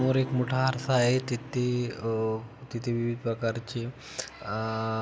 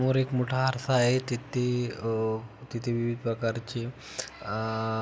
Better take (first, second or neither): second